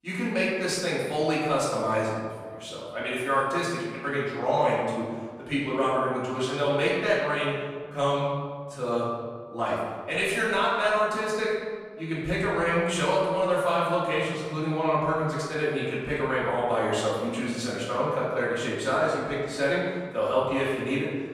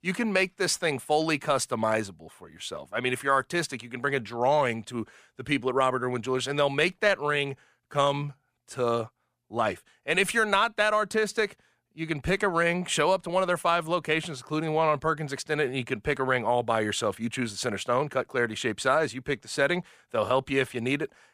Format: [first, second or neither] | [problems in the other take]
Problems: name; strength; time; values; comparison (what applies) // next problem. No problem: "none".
second | off-mic speech; far // room echo; noticeable; dies away in 1.5 s